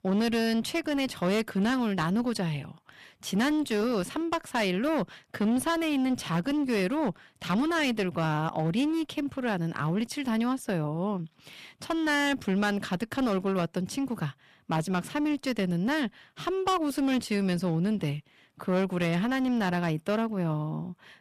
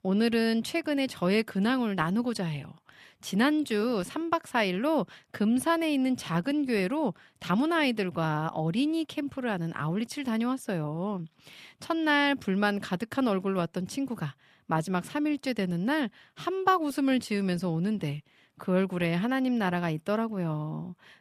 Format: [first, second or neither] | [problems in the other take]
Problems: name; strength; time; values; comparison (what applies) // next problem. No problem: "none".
second | distortion; slight; 14% of the sound clipped